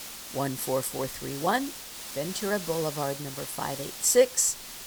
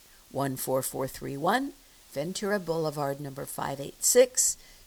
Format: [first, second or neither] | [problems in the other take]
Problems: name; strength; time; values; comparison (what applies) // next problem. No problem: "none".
second | hiss; loud; throughout; 9 dB below the speech; faint in the second